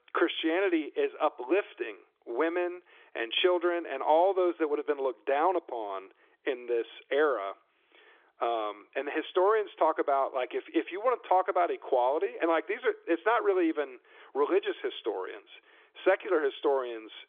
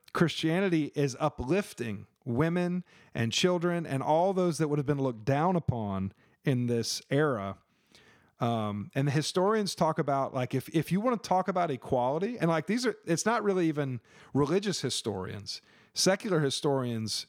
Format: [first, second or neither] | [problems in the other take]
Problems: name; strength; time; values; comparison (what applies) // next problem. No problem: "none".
second | phone-call audio; nothing above 3.5 kHz